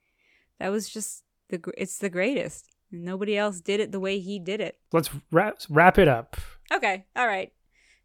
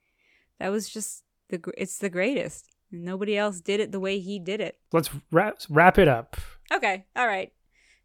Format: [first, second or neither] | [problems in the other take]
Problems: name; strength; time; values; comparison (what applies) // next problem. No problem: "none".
neither | none